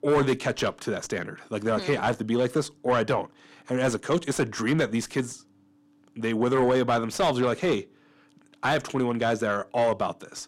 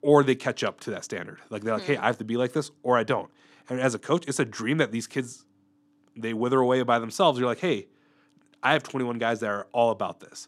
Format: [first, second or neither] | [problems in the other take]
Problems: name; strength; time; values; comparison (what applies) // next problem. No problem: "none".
second | distortion; heavy; 7 dB below the speech